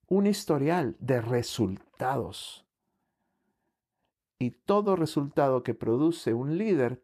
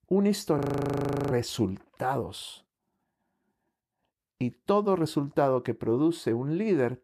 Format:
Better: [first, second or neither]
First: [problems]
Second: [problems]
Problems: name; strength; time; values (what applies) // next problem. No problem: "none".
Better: first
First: none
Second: audio freezing; at 0.5 s for 0.5 s